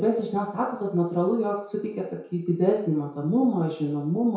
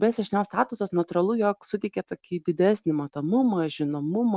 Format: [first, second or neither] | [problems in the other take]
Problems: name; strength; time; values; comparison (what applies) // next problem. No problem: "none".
second | room echo; dies away in 0.6 s